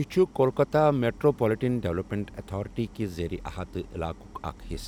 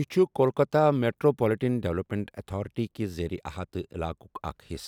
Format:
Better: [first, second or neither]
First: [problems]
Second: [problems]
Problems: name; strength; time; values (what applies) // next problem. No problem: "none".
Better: second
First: background sound (Idling); 18 dB below the speech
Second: none